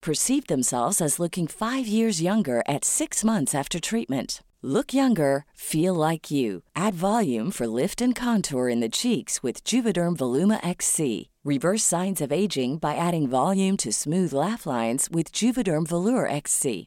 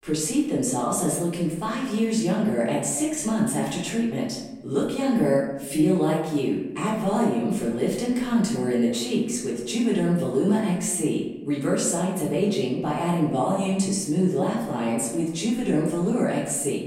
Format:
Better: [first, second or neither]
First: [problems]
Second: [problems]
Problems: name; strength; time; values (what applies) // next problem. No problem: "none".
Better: first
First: none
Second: off-mic speech; far // room echo; noticeable; dies away in 0.9 s